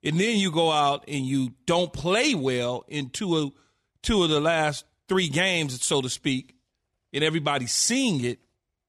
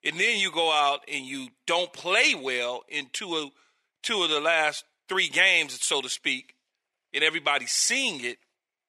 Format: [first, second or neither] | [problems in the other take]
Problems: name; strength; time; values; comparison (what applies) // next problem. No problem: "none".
first | thin; somewhat; fading below 500 Hz